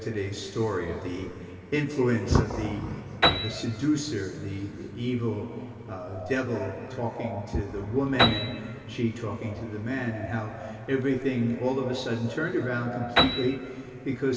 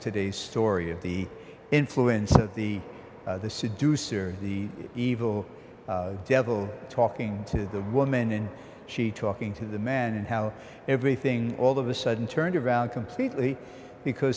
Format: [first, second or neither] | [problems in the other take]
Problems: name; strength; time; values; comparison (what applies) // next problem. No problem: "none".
second | background sound (Piano); 6 dB below the speech // room echo; dies away in 2.7 s